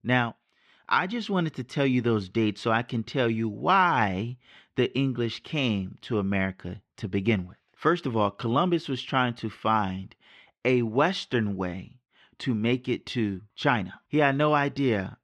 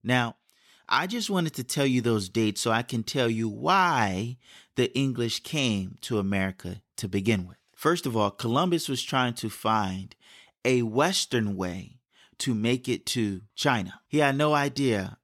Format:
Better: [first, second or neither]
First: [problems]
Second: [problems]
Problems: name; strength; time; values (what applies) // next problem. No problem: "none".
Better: second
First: muffled; slightly; fading above 2.5 kHz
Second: none